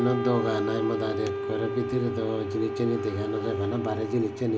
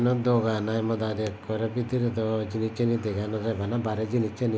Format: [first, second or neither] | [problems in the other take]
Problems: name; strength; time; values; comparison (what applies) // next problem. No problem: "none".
second | background sound (Wind instrument, woodwind instrument); 4 dB below the speech // room echo; dies away in 0.6 s